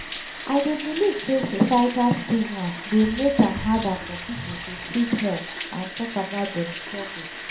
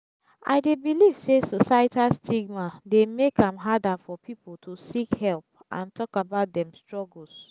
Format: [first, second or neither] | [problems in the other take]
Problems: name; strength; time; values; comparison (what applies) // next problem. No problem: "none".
second | background sound (Bathtub (filling or washing)); 10 dB below the speech // room echo; dies away in 0.4 s